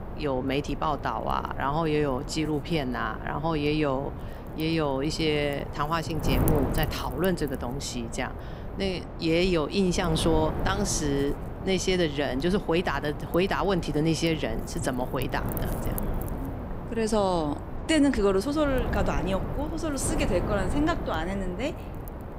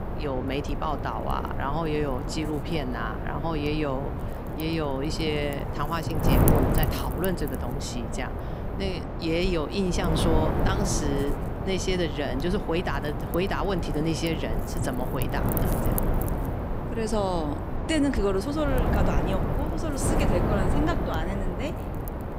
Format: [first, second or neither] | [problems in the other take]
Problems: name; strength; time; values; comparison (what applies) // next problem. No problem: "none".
first | wind noise on the microphone; heavy; 3 dB below the speech; occasional gusts in the first